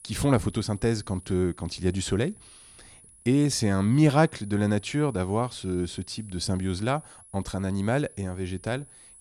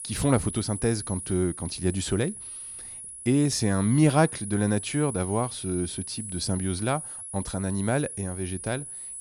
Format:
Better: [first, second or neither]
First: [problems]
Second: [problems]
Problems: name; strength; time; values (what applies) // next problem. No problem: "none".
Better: first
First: high-pitched whine; faint; throughout; 10.5 kHz, 20 dB below the speech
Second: high-pitched whine; loud; throughout; 10.5 kHz, 9 dB below the speech